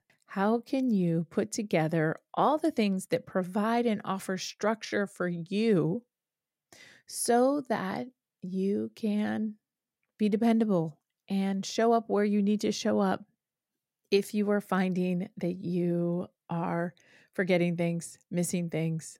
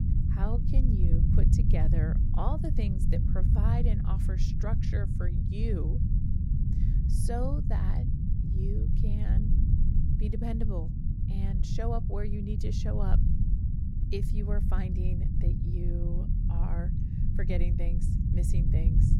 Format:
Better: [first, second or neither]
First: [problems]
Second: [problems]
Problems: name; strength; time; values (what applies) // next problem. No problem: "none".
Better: first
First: none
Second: low rumble; loud; throughout; 1 dB below the speech